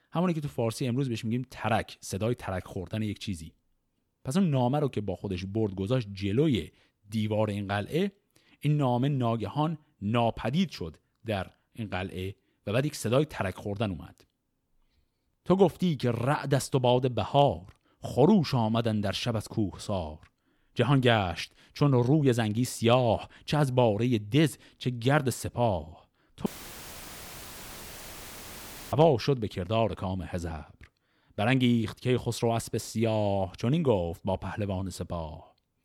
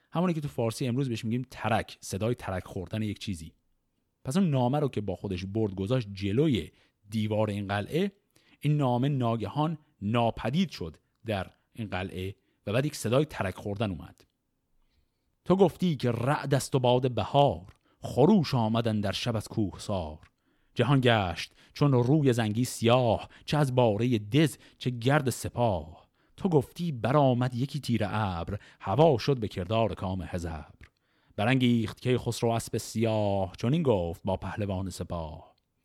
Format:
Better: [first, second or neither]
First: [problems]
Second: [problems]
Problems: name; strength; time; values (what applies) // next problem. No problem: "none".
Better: second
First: audio cutting out; filled with static; at 26 s for 2.5 s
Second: none